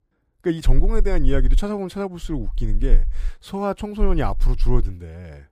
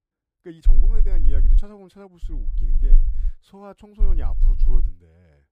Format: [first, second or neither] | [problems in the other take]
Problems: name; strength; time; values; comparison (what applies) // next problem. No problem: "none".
first | low rumble; loud; at 0.5 s, from 2 to 3.5 s and at 4 s; 5 dB below the speech; faint in the first